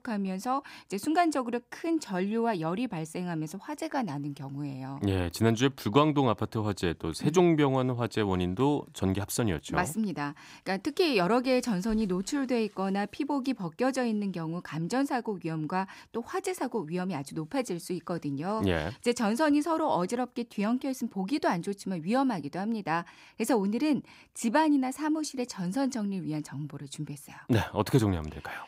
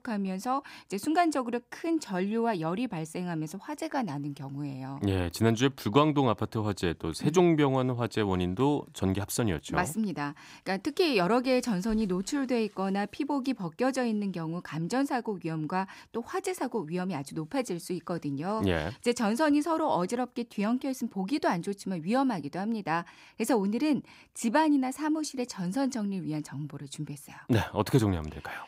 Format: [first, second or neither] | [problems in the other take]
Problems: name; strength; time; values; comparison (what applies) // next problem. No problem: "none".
neither | none